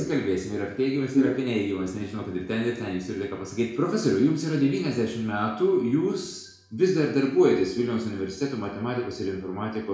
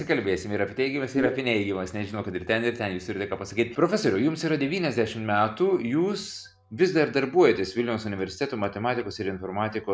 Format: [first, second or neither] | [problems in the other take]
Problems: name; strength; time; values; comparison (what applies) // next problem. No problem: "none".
second | room echo; dies away in 0.6 s